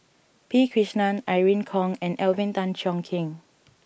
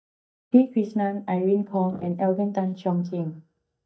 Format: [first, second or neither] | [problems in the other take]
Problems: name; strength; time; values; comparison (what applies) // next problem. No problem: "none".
first | noise reduction (neural mask model DeepFilterNet 3)